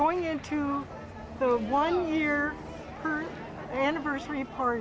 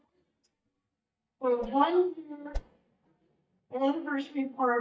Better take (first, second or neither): first